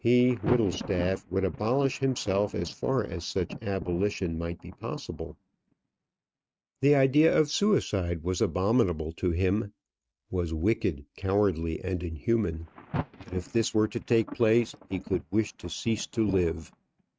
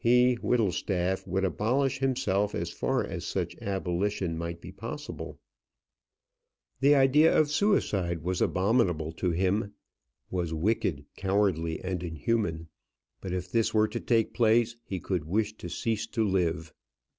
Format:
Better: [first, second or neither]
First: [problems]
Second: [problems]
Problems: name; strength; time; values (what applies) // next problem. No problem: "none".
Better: second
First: noise reduction (neural mask model RNNoise)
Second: none